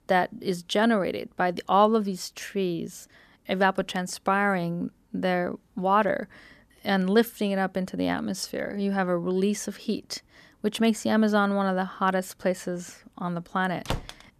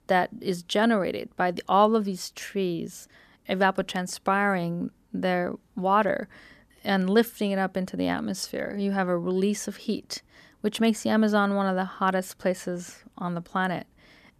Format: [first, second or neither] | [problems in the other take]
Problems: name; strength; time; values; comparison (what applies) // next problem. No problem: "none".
second | door banging; noticeable; at 14 s; peak 8 dB below the speech